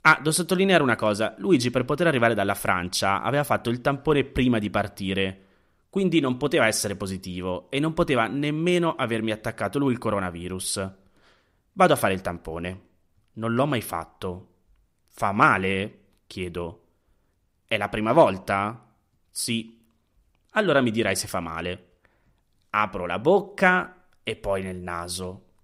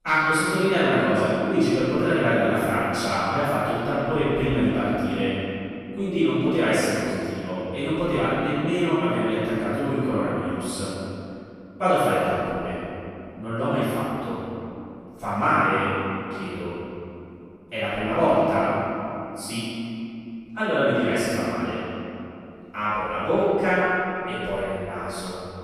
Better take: first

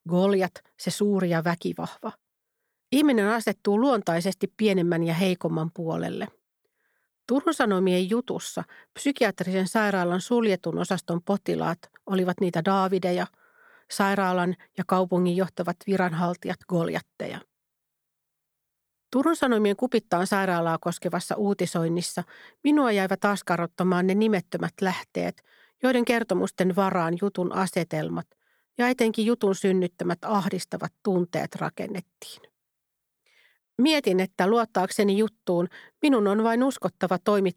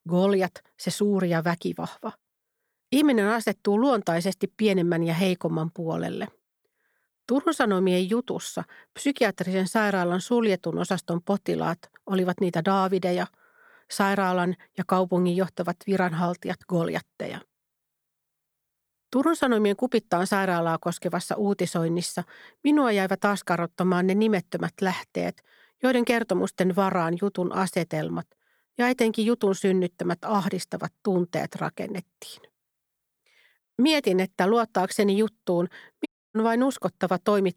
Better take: first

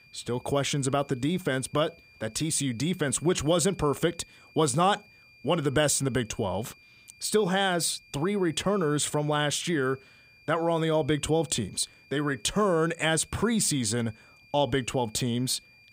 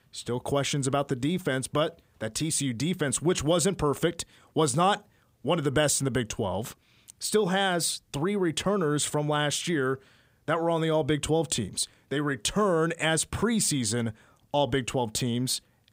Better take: second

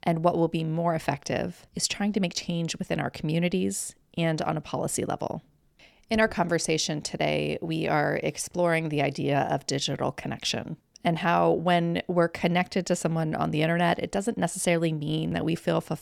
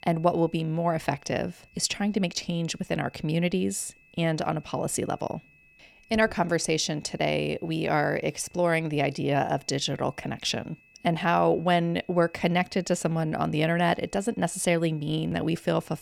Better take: first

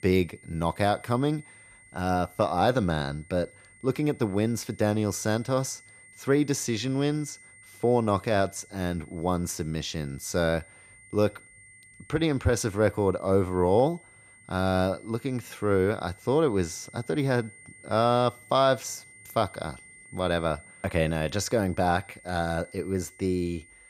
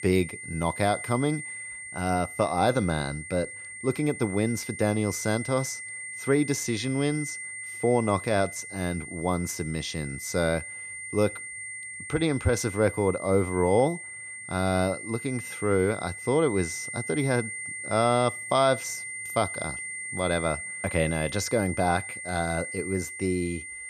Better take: first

